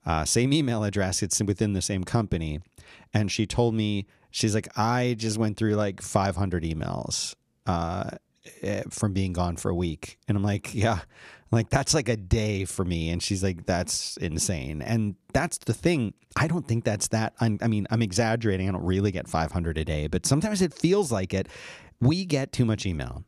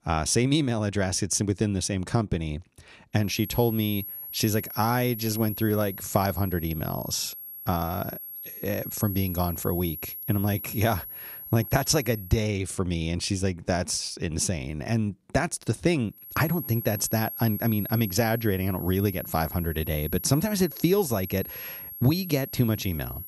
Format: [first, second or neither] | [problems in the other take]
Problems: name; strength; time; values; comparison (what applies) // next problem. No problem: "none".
first | high-pitched whine; loud; from 3.5 to 12 s and from 16 s on; 11.5 kHz, 9 dB below the speech